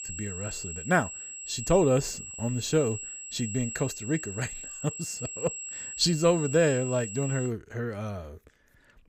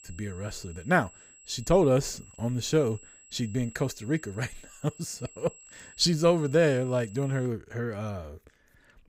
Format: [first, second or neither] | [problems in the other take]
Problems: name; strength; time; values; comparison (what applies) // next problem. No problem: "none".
second | high-pitched whine; loud; until 7.5 s; 7.5 kHz, 8 dB below the speech; faint in the second